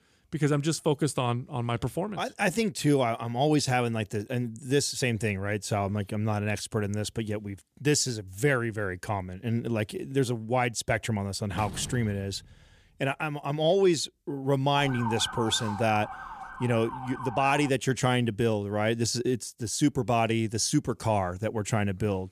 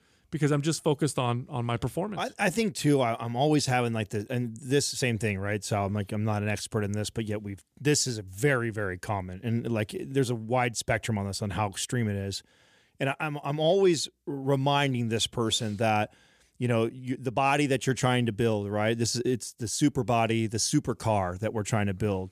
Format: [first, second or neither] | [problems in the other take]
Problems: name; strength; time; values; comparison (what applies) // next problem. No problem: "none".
second | door banging; faint; from 12 to 13 s; peak 10 dB below the speech // siren; noticeable; from 15 to 18 s; peak 7 dB below the speech